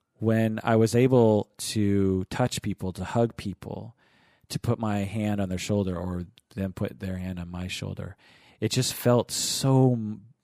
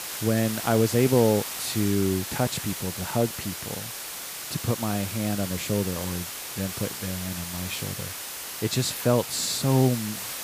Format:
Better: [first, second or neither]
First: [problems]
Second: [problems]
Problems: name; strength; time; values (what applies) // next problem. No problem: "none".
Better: first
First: none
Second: hiss; loud; throughout; 6 dB below the speech